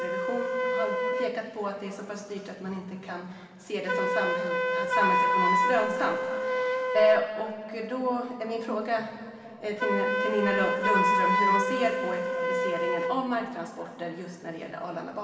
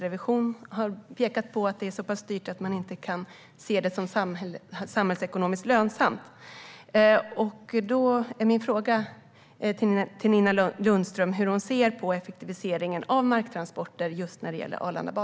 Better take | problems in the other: second | background sound (Wind instrument, woodwind instrument); 2 dB above the speech // room echo; dies away in 2.4 s

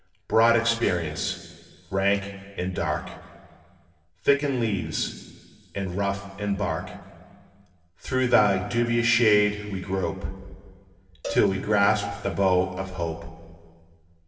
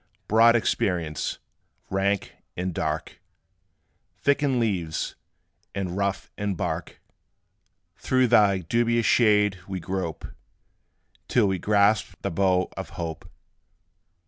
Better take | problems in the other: second | background sound (Cowbell); 15 dB below the speech // room echo; dies away in 1.8 s

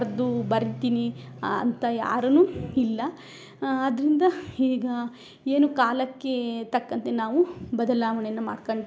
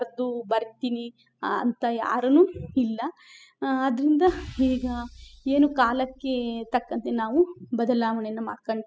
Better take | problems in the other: first | noise reduction (classical method spectral subtraction)

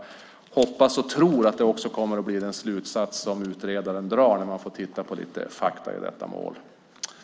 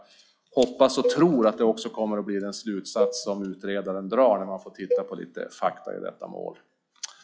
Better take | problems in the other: first | noise reduction (classical method log-MMSE)

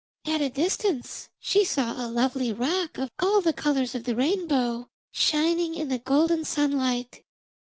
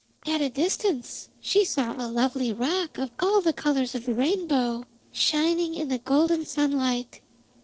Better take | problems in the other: first | noise reduction (neural separator model SepFormer DNS4)

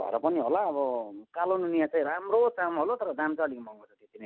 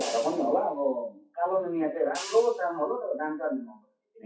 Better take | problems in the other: first | noise reduction (classical method WPE with log-MMSE)

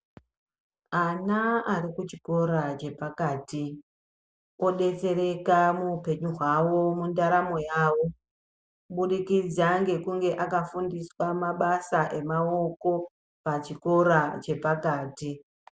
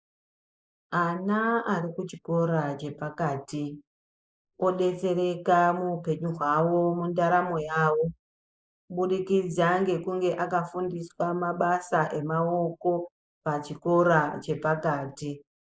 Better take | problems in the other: first | noise reduction (neural mask model Resemble Enhance denoiser)

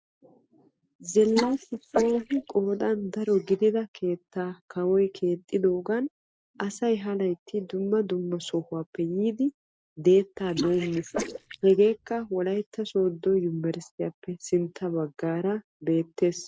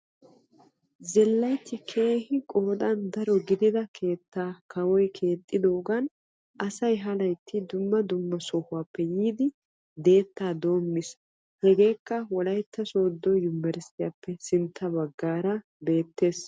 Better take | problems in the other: second | noise reduction (neural mask model Resemble Enhance denoiser)

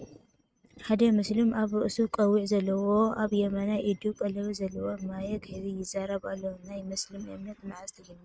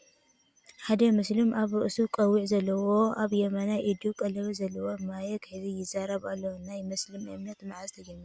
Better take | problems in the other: second | noise reduction (neural mask model RNNoise)

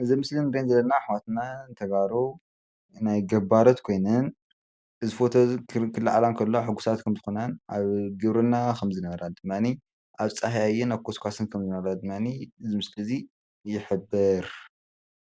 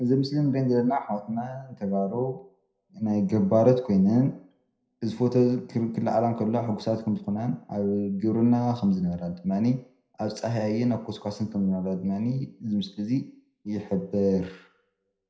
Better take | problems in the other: first | room echo; dies away in 0.5 s

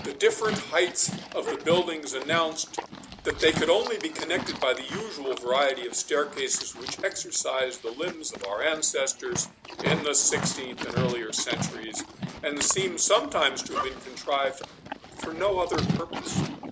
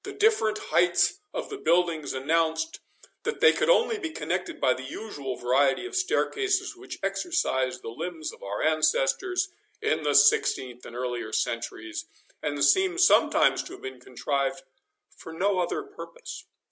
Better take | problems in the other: second | background sound (Livestock, farm animals, working animals); 7 dB below the speech

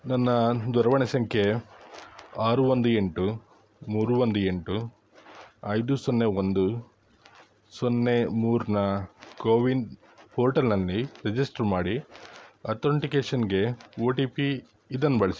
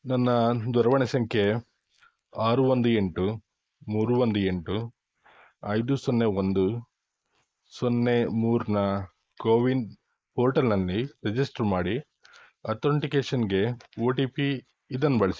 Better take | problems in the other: first | noise reduction (neural mask model Resemble Enhance denoiser)

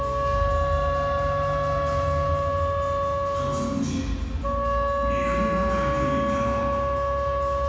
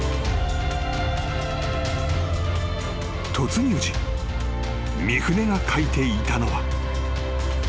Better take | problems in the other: second | background sound (Wind instrument, woodwind instrument); 2 dB above the speech // room echo; dies away in 2.1 s

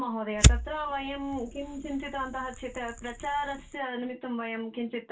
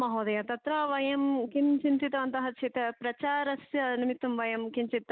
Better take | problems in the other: second | background sound (Fire); 4 dB above the speech // room echo; dies away in 0.2 s

